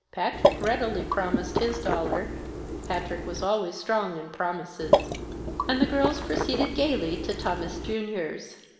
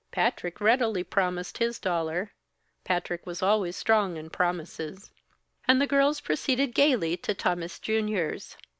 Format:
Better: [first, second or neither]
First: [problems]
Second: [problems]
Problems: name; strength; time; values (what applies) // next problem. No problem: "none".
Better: second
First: background sound (Water / Liquid); 1 dB above the speech // room echo; dies away in 1.1 s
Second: none